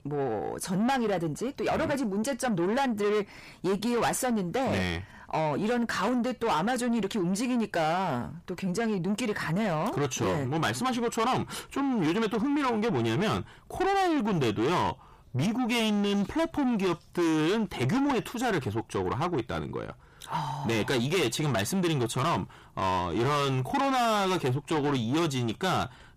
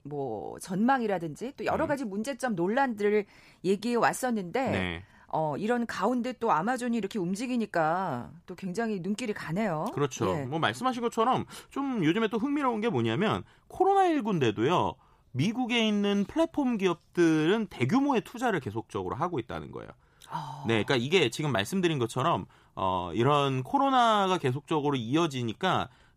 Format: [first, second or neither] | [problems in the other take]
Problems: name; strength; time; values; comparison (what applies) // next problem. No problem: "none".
second | distortion; heavy; 7 dB below the speech